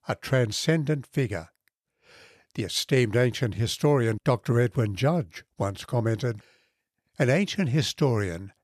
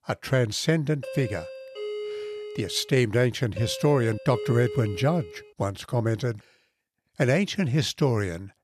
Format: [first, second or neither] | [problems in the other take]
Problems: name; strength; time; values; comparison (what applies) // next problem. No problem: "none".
first | doorbell; noticeable; from 1 to 5.5 s; peak 7 dB below the speech